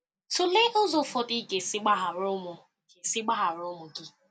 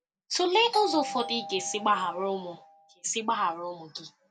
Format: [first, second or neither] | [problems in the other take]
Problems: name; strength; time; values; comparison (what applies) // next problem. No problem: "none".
first | background sound (Doorbell); 10 dB below the speech